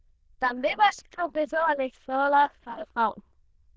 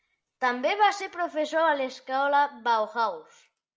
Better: second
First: noise reduction (neural diffusion model UNIVERSE++)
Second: none

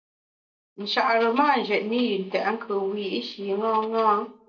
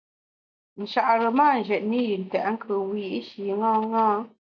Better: second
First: room echo; dies away in 0.2 s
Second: none

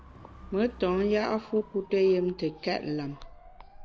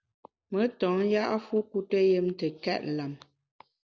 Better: second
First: background sound (Motorcycle / Dog); 19 dB below the speech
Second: none

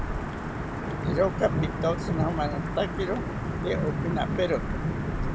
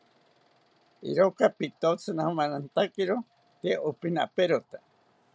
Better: second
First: background sound (Thunder / Wind / Rain); 1 dB above the speech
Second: none

